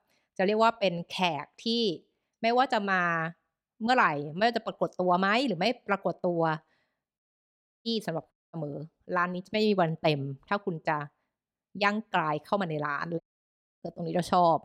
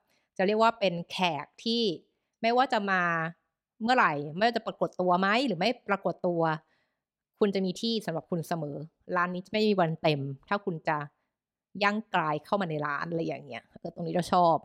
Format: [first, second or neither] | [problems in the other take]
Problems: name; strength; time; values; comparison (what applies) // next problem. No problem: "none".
second | audio cutting out; at 7 s for 0.5 s, at 8.5 s and at 13 s for 0.5 s